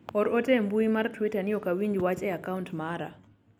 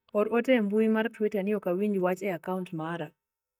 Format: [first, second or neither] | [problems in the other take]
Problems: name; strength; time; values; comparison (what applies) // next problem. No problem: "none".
first | noise reduction (neural mask model DeepFilterNet 3)